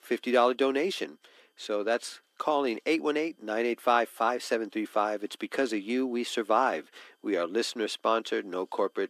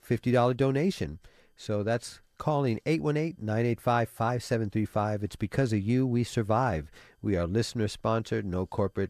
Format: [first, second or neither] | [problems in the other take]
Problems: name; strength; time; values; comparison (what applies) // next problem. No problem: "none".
second | thin; somewhat; fading below 250 Hz